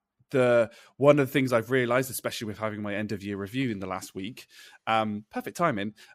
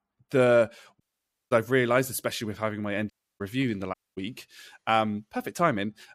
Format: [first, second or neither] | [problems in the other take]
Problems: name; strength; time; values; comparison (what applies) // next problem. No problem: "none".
first | audio cutting out; at 1 s for 0.5 s, at 3 s and at 4 s